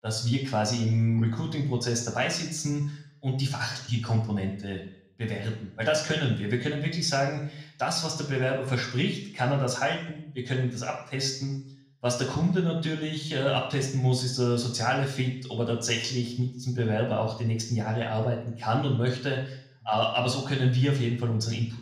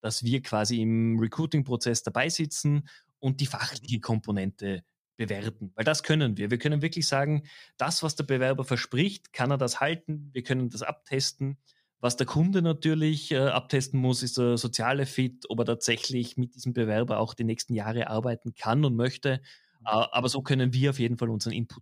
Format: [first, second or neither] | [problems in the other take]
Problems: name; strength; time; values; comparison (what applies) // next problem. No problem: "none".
second | room echo; noticeable; dies away in 0.6 s // off-mic speech; somewhat distant